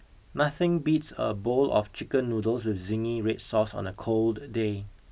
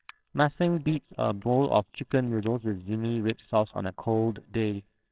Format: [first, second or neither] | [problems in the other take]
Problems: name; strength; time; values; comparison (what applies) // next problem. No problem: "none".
first | noise reduction (neural separator model SepFormer WHAMR!)